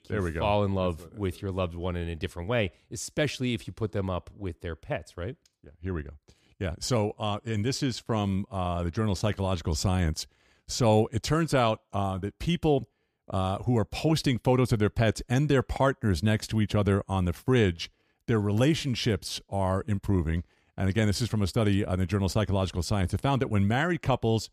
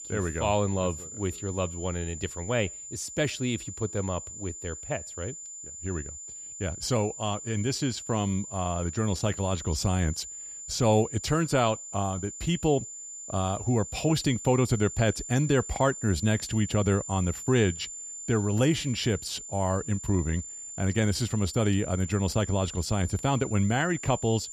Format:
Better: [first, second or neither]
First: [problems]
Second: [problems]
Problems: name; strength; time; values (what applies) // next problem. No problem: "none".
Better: first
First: none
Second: high-pitched whine; loud; throughout; 7 kHz, 10 dB below the speech